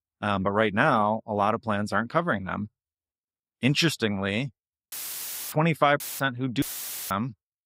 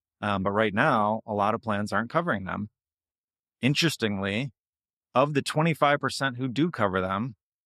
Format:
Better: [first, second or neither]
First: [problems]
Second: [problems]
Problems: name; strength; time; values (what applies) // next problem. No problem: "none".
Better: second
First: audio cutting out; filled with static; at 5 s for 0.5 s, at 6 s and at 6.5 s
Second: none